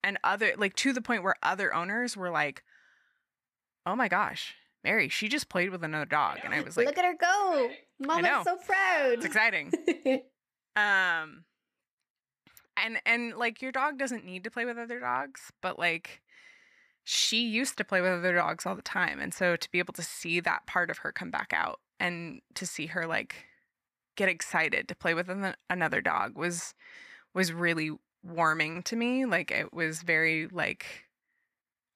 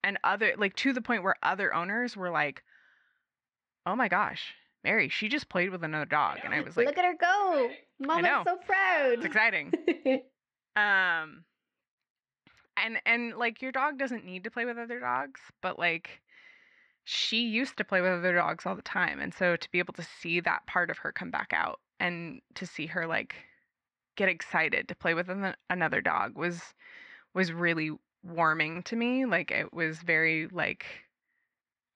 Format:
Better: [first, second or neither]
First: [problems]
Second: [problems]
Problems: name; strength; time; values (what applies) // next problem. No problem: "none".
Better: first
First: none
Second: muffled; very slightly; fading above 4 kHz